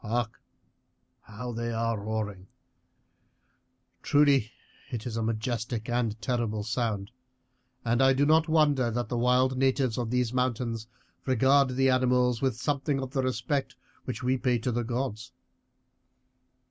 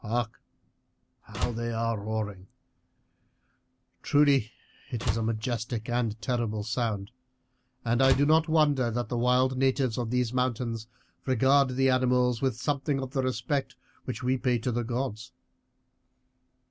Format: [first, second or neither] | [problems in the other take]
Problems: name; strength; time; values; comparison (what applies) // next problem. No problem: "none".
first | background sound (Slam); 7 dB below the speech